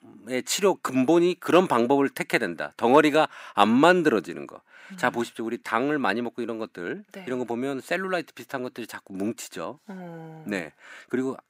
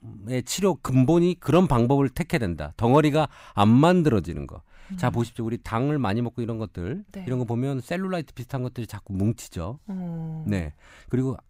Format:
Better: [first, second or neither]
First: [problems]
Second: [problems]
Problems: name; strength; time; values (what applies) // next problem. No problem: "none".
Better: second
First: thin; somewhat; fading below 250 Hz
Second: none